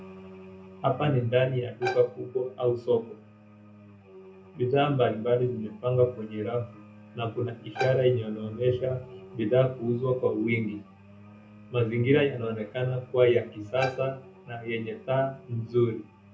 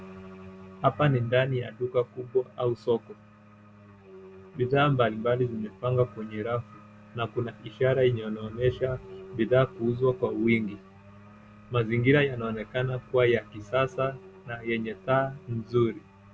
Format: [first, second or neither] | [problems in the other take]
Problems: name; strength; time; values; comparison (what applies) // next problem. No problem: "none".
second | background sound (Bowed string instrument); 11 dB below the speech // room echo; dies away in 0.3 s